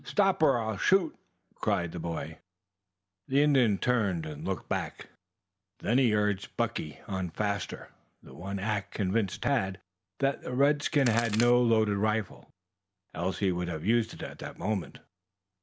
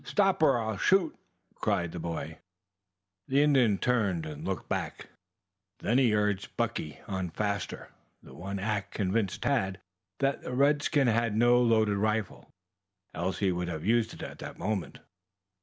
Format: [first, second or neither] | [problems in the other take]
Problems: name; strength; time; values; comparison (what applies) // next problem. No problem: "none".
second | background sound (Crack); 8 dB below the speech